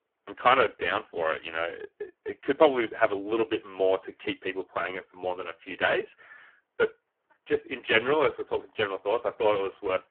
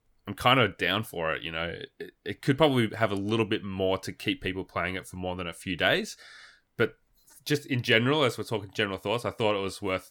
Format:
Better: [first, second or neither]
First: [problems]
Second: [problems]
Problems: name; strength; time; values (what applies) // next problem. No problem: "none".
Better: second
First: phone-call audio; poor line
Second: none